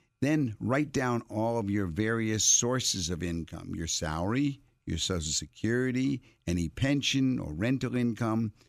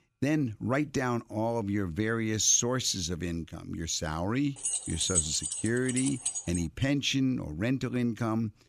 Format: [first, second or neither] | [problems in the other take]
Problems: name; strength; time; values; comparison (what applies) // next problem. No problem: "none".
first | jangling keys; loud; from 4.5 to 6.5 s; peak 2 dB above the speech